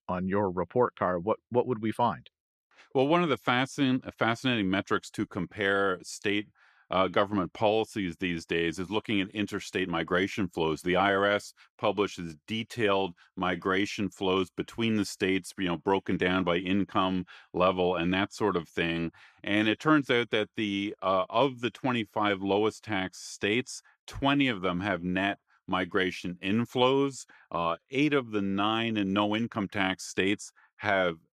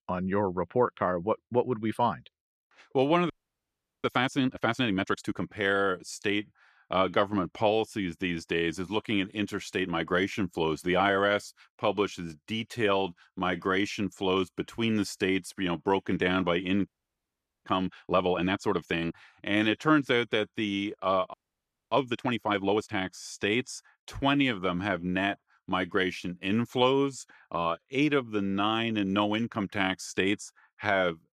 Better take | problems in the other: first | audio freezing; at 3.5 s for 0.5 s, at 17 s for 1 s and at 21 s for 0.5 s

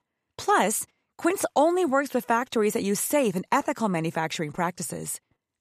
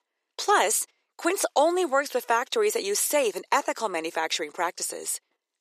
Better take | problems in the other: first | thin; somewhat; fading below 400 Hz

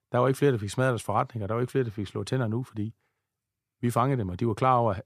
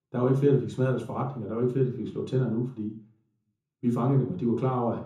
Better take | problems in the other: first | room echo; slight; dies away in 0.6 s // off-mic speech; far

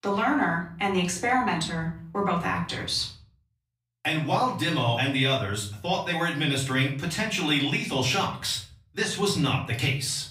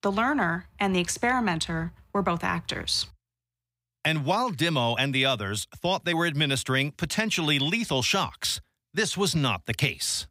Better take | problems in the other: second | off-mic speech; far // room echo; slight; dies away in 0.4 s

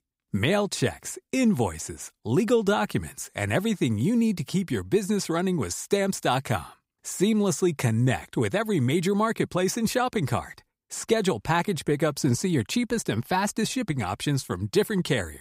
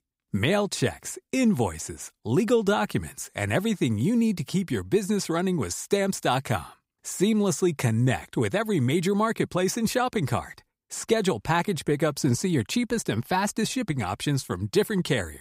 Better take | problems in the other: neither | none

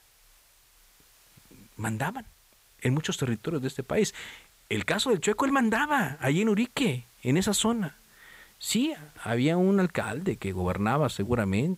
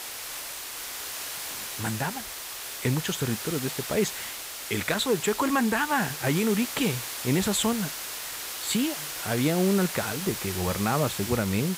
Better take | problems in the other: first | hiss; loud; throughout; 6 dB below the speech; faint in the first

